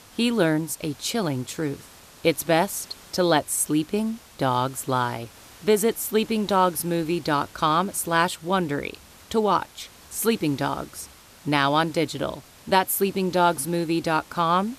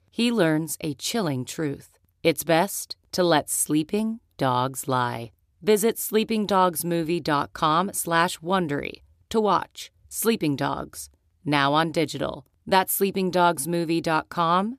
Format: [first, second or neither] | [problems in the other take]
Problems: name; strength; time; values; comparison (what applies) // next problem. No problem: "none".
second | hiss; faint; throughout; 25 dB below the speech